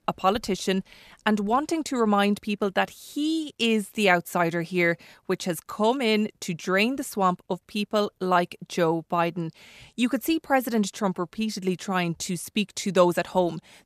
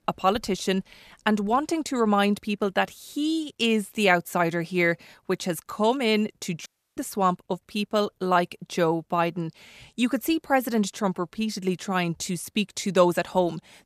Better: first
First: none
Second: audio cutting out; at 6.5 s

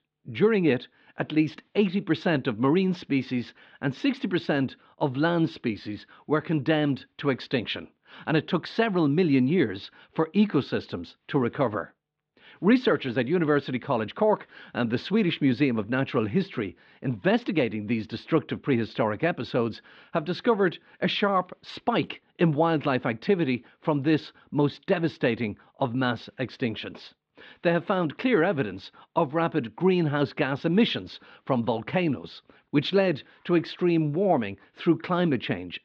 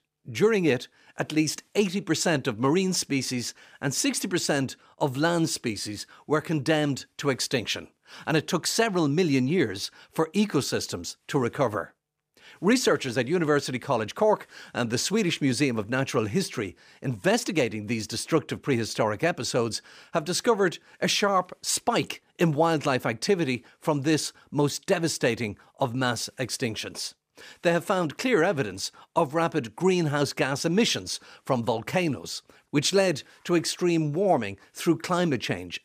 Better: second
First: muffled; slightly; fading above 3.5 kHz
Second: none

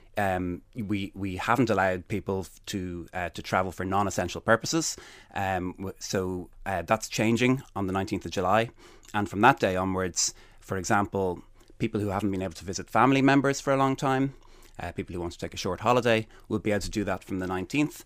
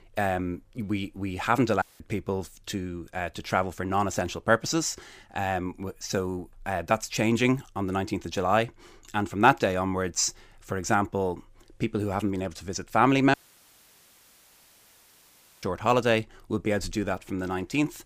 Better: first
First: none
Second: audio cutting out; at 2 s and at 13 s for 2.5 s

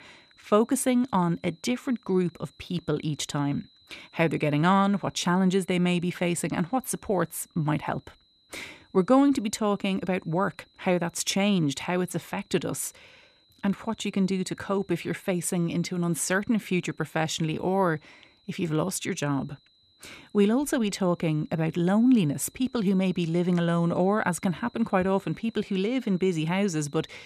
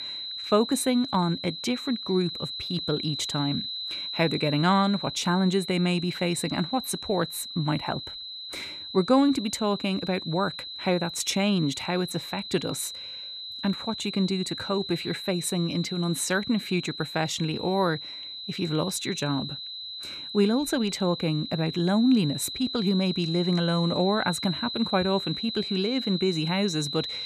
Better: first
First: high-pitched whine; faint; throughout; 4 kHz, 35 dB below the speech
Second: high-pitched whine; loud; throughout; 4 kHz, 7 dB below the speech

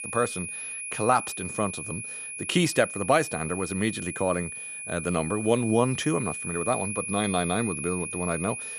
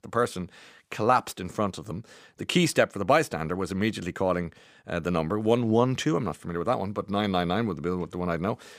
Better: second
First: high-pitched whine; loud; throughout; 2.5 kHz, 6 dB below the speech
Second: none

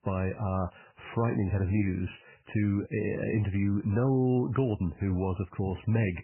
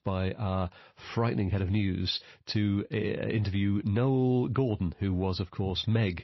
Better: second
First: garbled, watery; badly; nothing above 3 kHz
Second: garbled, watery; slightly; nothing above 5.5 kHz

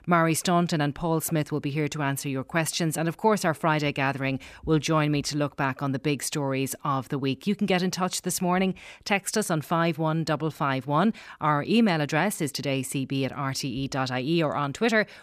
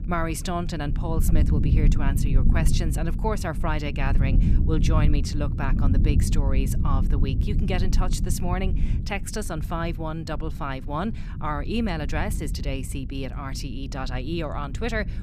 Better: first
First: none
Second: low rumble; loud; throughout; 8 dB below the speech

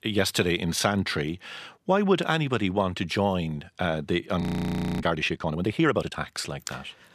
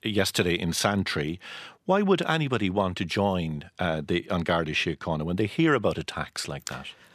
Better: second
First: audio freezing; at 4.5 s for 0.5 s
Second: none

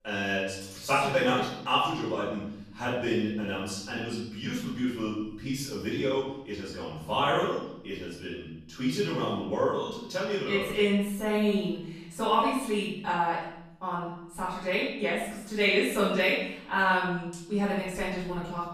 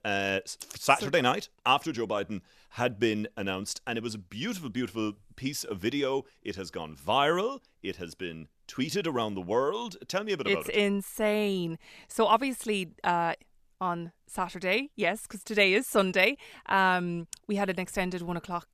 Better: second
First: off-mic speech; far // room echo; noticeable; dies away in 0.9 s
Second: none

